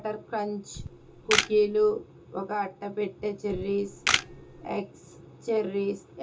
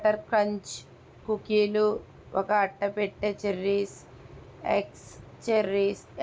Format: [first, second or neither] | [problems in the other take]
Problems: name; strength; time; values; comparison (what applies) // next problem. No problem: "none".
second | background sound (Camera); 1 dB below the speech // room echo; dies away in 0.2 s